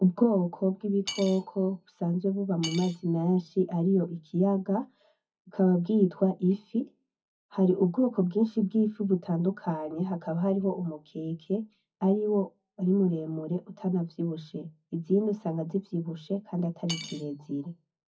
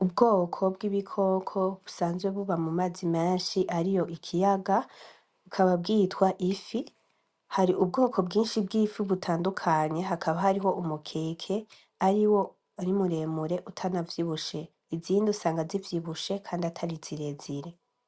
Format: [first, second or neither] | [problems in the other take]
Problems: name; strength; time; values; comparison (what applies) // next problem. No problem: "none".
second | noise reduction (classical method WPE with log-MMSE)